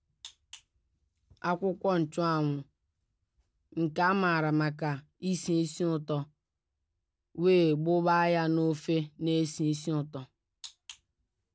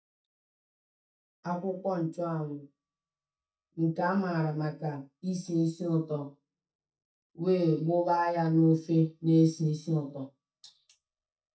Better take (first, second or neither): first